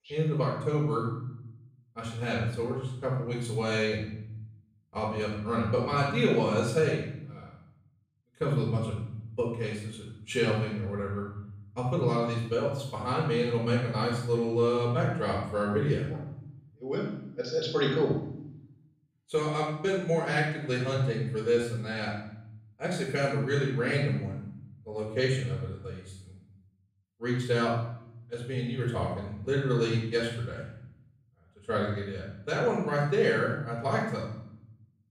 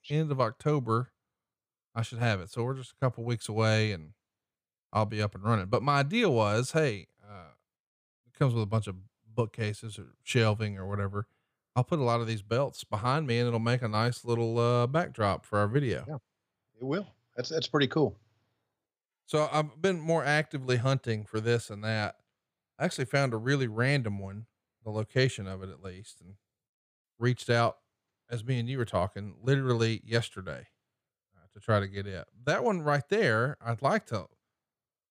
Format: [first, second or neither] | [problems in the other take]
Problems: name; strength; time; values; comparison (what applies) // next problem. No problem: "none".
second | off-mic speech; far // room echo; noticeable; dies away in 0.7 s